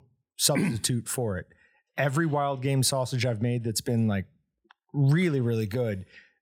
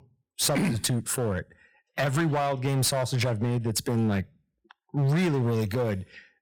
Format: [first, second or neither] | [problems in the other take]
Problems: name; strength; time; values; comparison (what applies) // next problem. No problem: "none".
first | distortion; slight; 16% of the sound clipped